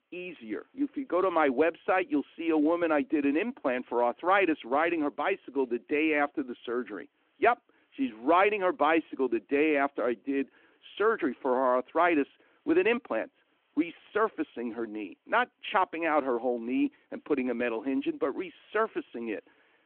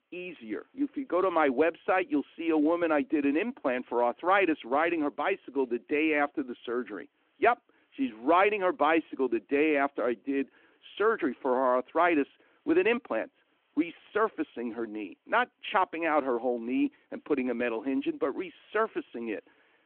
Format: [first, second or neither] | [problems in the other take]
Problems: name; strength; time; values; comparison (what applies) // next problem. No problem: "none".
neither | phone-call audio; the same in both